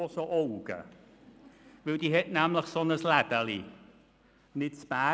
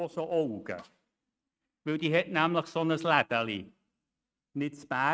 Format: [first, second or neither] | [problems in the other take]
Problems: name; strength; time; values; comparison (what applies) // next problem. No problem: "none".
first | noise reduction (neural mask model RNNoise)